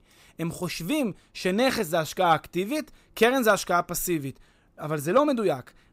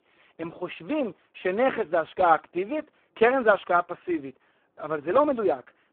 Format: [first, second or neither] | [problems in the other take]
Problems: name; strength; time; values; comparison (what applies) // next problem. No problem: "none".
first | phone-call audio; poor line